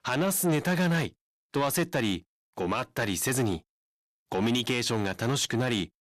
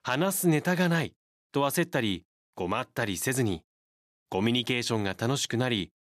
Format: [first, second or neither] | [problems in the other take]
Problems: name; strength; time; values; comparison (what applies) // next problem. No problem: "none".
second | distortion; slight; 10 dB below the speech